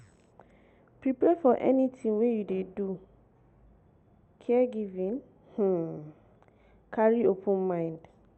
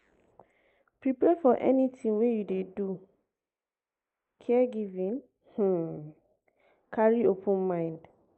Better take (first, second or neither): first